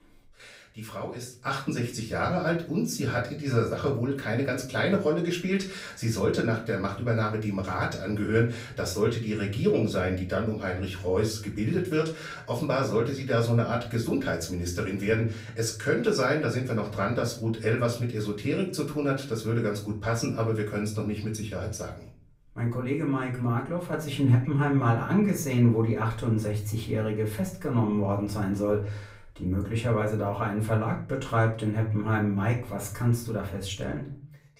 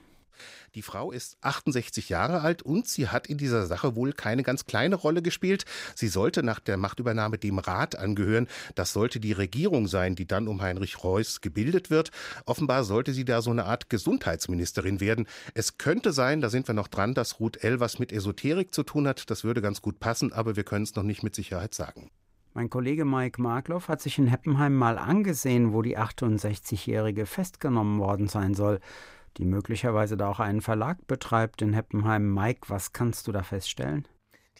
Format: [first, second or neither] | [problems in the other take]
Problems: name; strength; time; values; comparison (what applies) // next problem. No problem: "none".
second | off-mic speech; far // room echo; slight; dies away in 0.4 s